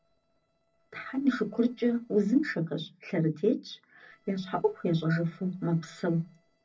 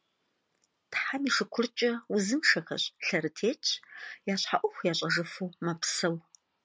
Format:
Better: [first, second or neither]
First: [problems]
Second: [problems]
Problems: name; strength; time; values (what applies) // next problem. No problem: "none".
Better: second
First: noise reduction (neural separator model SepFormer DNS4)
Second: none